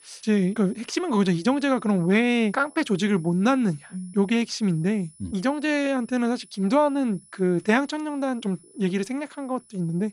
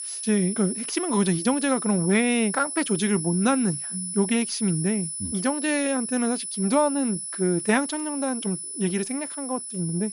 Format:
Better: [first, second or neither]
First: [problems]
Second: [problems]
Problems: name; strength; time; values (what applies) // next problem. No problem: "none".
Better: first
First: high-pitched whine; faint; throughout; 10 kHz, 25 dB below the speech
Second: high-pitched whine; loud; throughout; 10 kHz, 5 dB below the speech